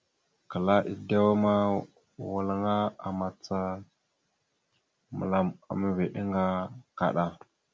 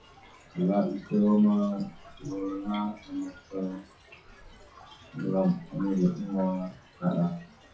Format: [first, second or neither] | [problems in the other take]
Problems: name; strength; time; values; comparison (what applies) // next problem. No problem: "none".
first | noise reduction (classical method WPE with log-MMSE)